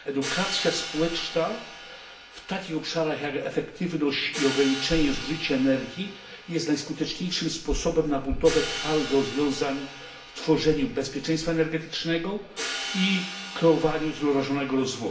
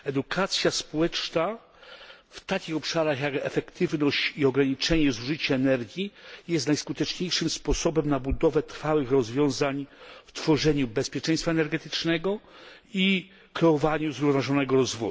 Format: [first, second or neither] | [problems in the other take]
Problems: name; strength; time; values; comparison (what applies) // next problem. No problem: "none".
second | background sound (Hi-hat); 11 dB below the speech // room echo; dies away in 0.8 s